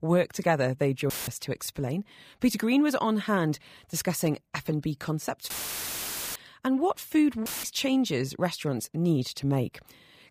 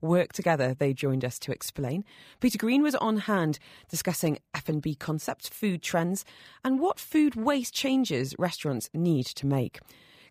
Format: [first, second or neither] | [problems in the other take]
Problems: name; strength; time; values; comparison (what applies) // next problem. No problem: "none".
second | audio cutting out; filled with static; at 1 s, at 5.5 s for 1 s and at 7.5 s